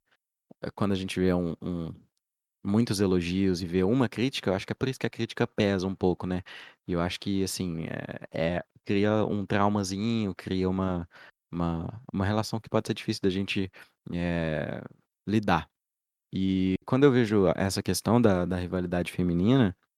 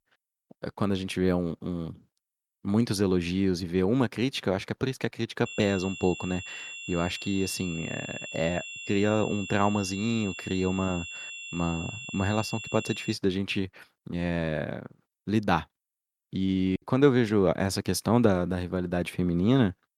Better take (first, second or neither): first